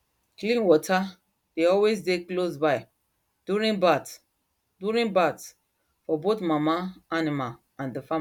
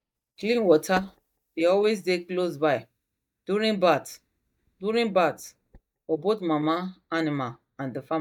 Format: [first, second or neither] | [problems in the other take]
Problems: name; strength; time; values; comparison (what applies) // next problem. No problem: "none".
first | noise reduction (neural mask model DeepFilterNet 3)